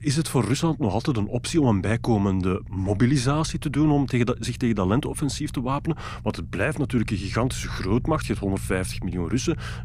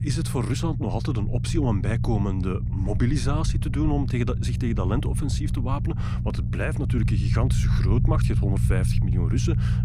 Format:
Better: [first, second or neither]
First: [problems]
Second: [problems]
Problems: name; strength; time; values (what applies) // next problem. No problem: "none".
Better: first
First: low rumble; faint; throughout; 25 dB below the speech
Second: low rumble; loud; throughout; 6 dB below the speech